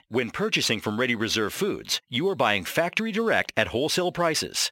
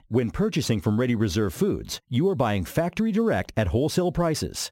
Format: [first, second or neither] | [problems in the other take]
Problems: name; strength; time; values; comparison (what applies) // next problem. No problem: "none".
second | thin; somewhat; fading below 1 kHz